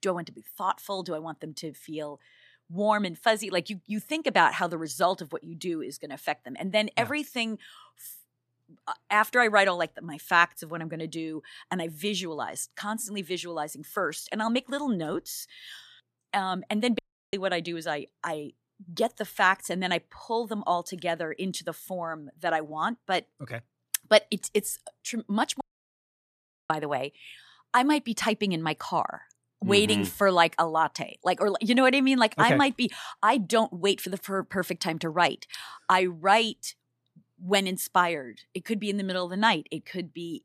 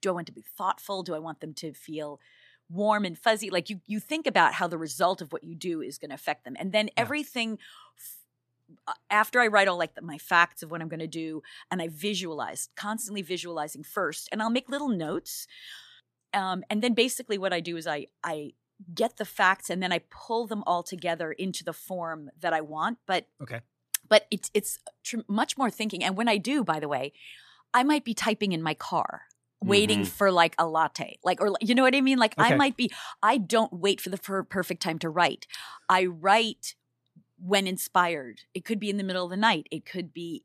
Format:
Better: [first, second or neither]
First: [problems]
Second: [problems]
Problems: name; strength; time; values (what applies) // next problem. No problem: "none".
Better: second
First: audio cutting out; at 17 s and at 26 s for 1 s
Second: none